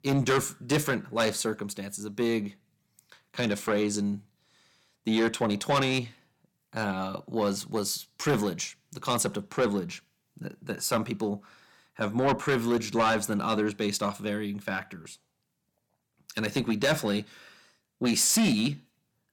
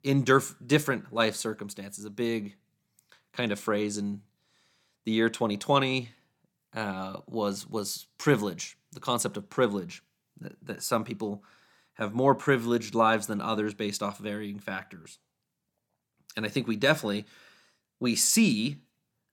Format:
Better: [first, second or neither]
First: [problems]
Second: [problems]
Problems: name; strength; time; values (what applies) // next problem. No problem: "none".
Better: second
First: distortion; heavy; 7 dB below the speech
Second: none